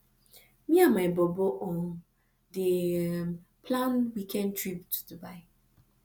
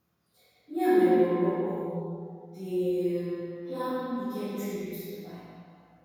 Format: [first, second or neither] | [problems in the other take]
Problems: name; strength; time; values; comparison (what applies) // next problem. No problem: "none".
first | room echo; dies away in 2.2 s